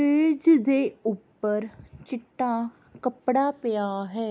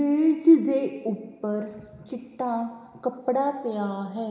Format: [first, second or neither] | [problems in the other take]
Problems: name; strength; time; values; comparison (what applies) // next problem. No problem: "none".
first | room echo; dies away in 1.6 s